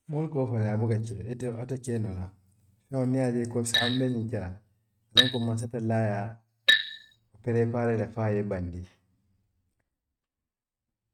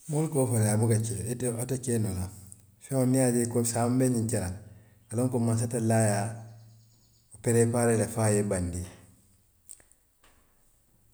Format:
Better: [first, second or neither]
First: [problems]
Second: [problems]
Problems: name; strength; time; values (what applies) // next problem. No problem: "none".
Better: second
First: noise reduction (neural mask model RNNoise)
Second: none